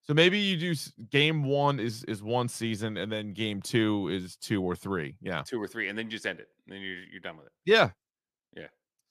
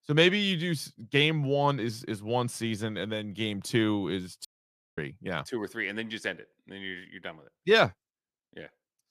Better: first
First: none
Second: audio cutting out; at 4.5 s for 0.5 s

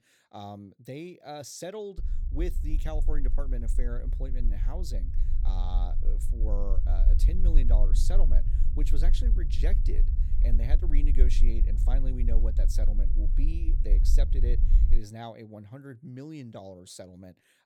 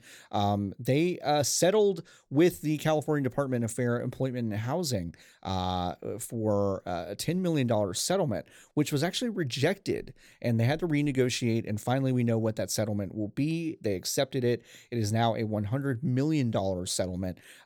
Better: second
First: low rumble; loud; from 2 to 15 s; 8 dB below the speech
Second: none

